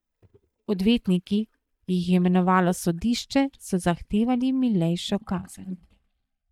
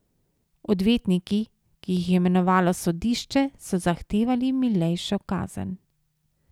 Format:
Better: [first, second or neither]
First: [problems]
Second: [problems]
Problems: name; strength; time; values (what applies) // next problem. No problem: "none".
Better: second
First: noise reduction (neural mask model DeepFilterNet 3)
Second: none